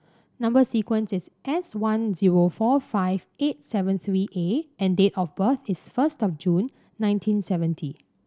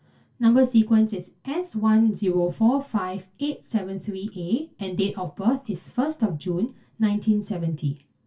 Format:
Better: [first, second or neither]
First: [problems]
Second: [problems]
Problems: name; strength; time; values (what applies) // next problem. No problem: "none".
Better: first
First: none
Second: room echo; dies away in 0.2 s